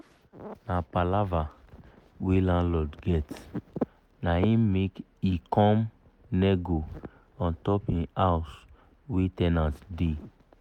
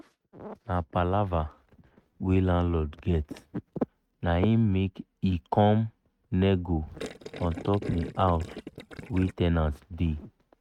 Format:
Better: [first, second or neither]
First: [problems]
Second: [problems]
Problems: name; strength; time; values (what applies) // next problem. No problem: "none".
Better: first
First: none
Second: noise reduction (neural mask model RNNoise)